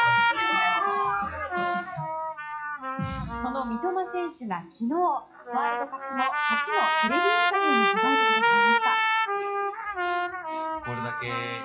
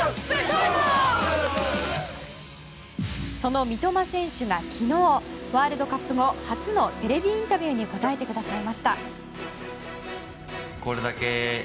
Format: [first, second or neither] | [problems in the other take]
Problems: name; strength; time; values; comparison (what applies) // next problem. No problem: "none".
second | noise reduction (classical method WPE with log-MMSE)